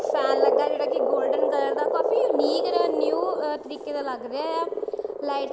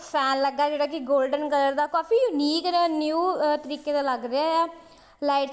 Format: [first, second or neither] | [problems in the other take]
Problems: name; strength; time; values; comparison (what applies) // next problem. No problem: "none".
second | background sound (Frog); 4 dB above the speech